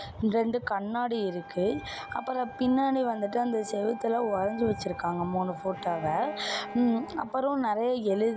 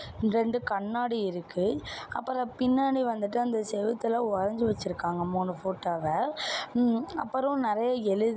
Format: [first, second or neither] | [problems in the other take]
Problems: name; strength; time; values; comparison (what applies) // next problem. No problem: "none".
second | background sound (Wind instrument, woodwind instrument + Bowed string instrument); 15 dB below the speech